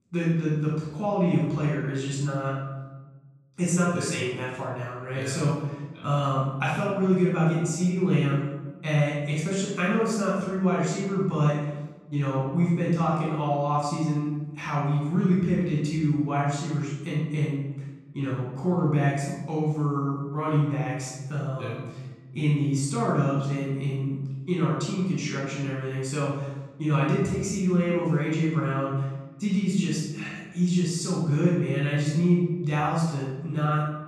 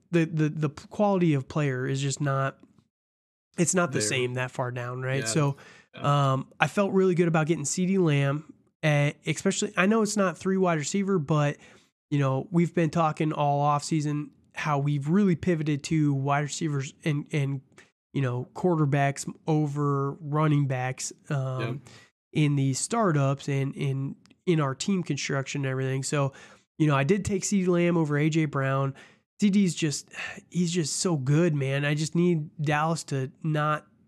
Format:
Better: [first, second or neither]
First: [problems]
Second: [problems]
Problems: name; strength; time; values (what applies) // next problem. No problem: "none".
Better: second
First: off-mic speech; far // room echo; noticeable; dies away in 1 s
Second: none